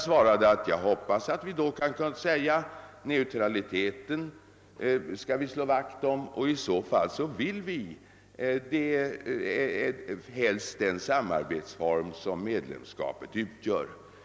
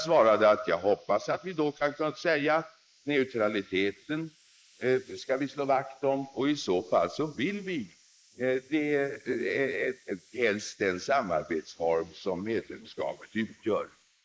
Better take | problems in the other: first | noise reduction (neural mask model Resemble Enhance denoiser)

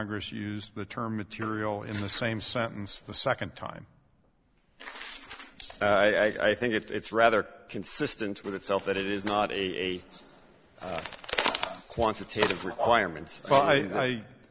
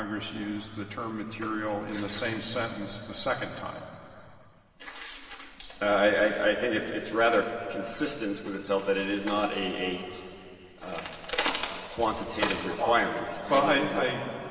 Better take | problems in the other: first | room echo; dies away in 2.7 s

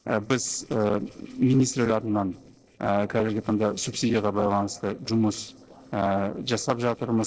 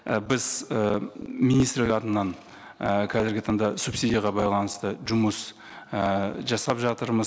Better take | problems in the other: second | noise reduction (neural separator model SepFormer DNS4)

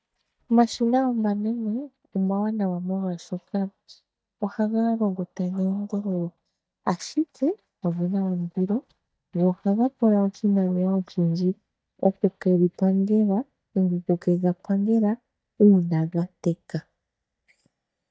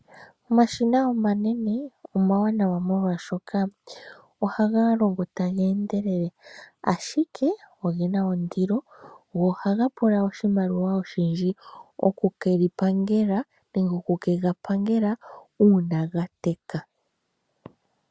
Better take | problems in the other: second | noise reduction (neural mask model DeepFilterNet 3)

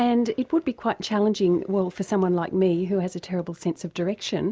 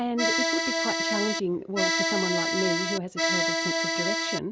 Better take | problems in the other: first | background sound (Accordion); 4 dB above the speech

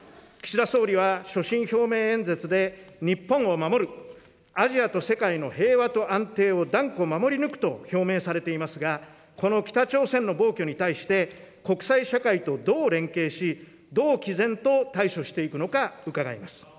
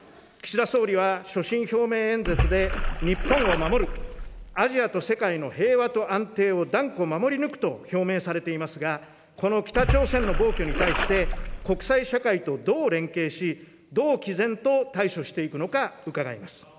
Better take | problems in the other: first | background sound (Splash, splatter); 1 dB below the speech

